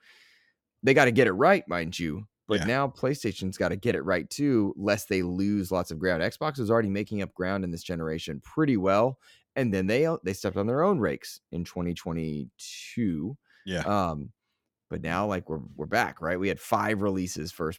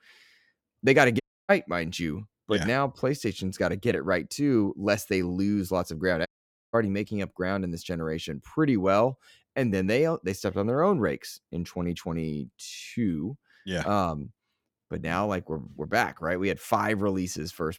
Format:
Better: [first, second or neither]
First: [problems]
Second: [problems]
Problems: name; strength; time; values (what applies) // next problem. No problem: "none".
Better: first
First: none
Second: audio cutting out; at 1 s and at 6.5 s